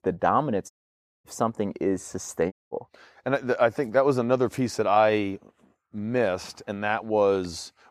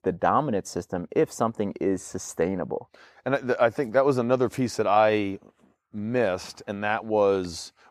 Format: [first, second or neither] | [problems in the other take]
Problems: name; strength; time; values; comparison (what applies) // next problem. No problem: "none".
second | audio cutting out; at 0.5 s for 0.5 s and at 2.5 s